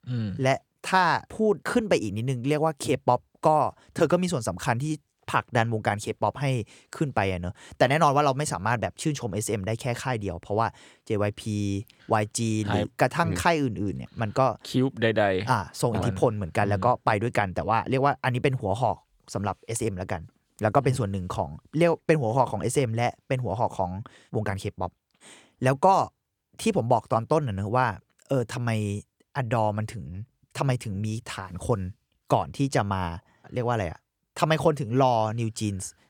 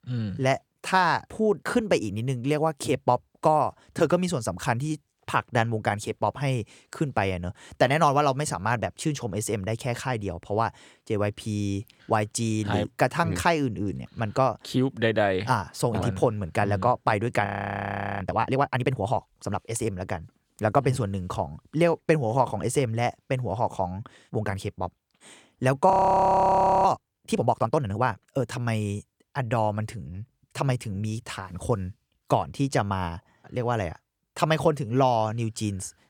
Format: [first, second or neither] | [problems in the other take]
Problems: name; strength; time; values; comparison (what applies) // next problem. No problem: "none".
first | audio freezing; at 17 s for 0.5 s and at 26 s for 1 s